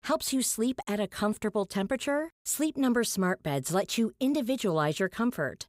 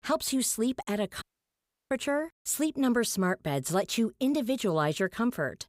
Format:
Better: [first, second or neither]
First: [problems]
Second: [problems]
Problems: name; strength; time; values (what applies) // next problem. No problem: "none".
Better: first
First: none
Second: audio cutting out; at 1 s for 0.5 s